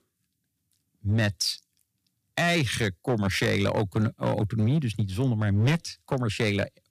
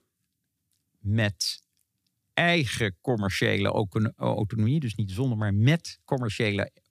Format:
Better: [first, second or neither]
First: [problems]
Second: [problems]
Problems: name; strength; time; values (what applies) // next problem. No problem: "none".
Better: second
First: distortion; slight; 6% of the sound clipped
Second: none